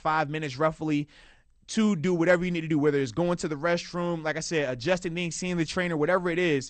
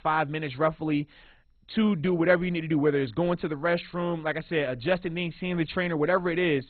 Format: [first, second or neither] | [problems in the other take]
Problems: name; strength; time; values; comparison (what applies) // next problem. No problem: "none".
first | garbled, watery; badly; nothing above 4 kHz; slightly in the first